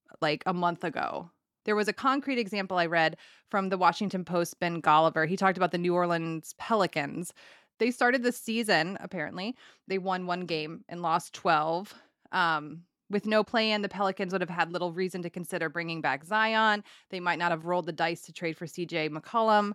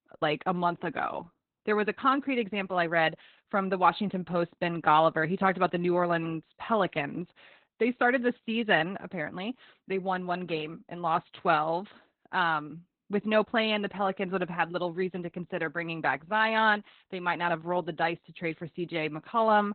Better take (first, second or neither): first